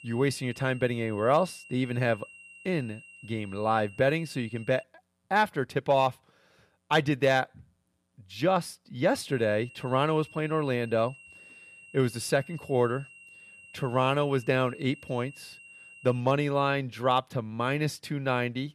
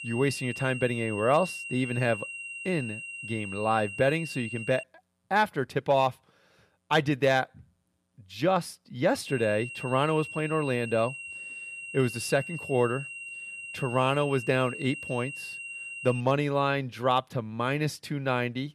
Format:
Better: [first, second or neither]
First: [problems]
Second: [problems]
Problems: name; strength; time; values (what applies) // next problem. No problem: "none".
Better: first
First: high-pitched whine; faint; until 5 s and from 9.5 to 16 s; 3 kHz, 20 dB below the speech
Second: high-pitched whine; loud; until 5 s and from 9.5 to 16 s; 3 kHz, 9 dB below the speech